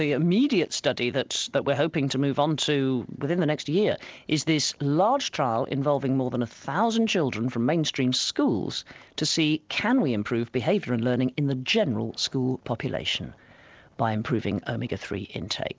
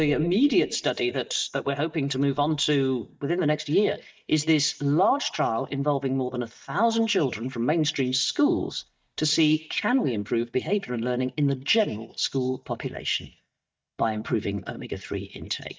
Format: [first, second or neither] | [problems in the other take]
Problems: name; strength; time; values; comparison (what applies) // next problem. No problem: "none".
first | noise reduction (neural mask model DeepFilterNet 3)